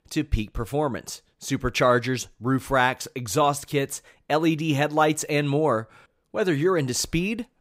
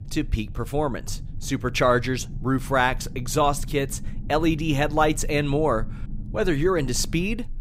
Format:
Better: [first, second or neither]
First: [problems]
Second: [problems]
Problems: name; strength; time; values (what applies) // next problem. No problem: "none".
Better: first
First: none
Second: low rumble; faint; throughout; 25 dB below the speech